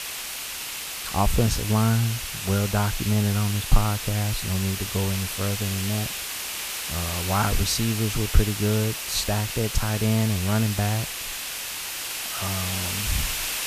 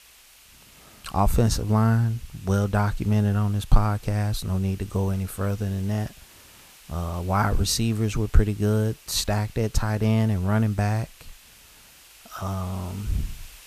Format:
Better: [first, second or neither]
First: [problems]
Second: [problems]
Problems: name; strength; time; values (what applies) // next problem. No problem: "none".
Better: second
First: hiss; loud; throughout; 3 dB below the speech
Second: hiss; faint; throughout; 25 dB below the speech